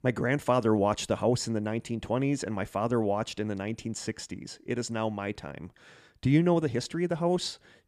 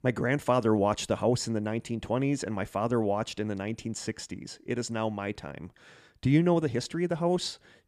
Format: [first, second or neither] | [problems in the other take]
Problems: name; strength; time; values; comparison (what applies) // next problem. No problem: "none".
neither | none